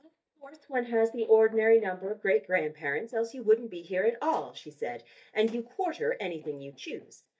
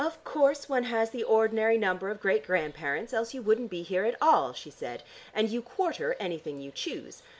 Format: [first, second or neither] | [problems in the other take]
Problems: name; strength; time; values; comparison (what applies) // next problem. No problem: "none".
second | noise reduction (neural mask model DeepFilterNet 3)